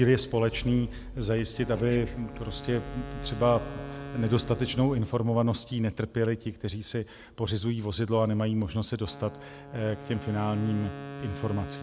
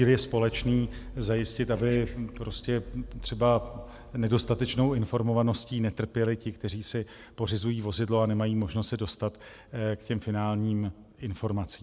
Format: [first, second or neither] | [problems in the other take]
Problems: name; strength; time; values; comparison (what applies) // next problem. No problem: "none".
second | background sound (Wind instrument, woodwind instrument); 15 dB below the speech